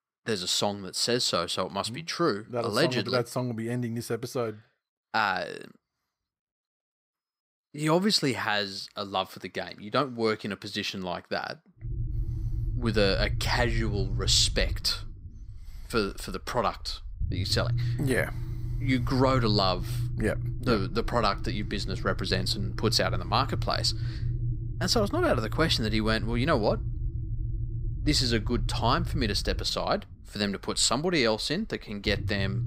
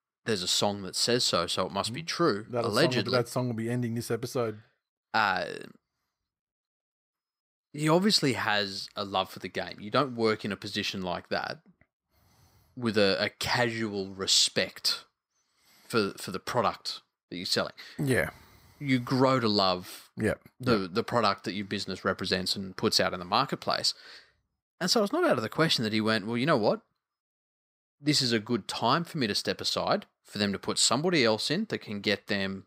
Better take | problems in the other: second | low rumble; noticeable; from 12 s on; 20 dB below the speech

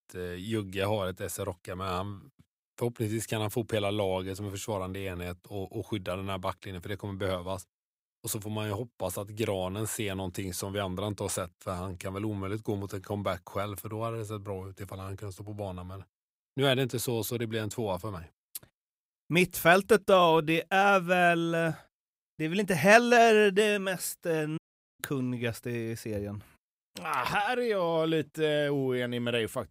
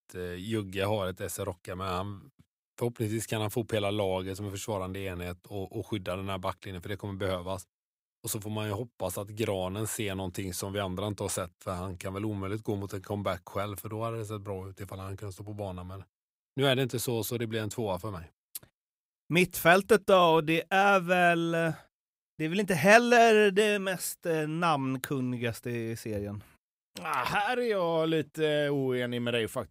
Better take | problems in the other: second | audio cutting out; at 25 s

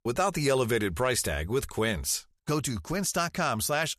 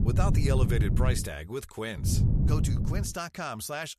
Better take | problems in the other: first | wind noise on the microphone; heavy; until 1 s and from 2 to 3 s; 4 dB below the speech

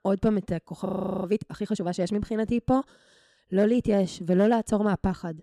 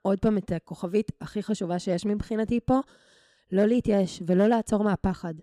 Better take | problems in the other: second | audio freezing; at 1 s

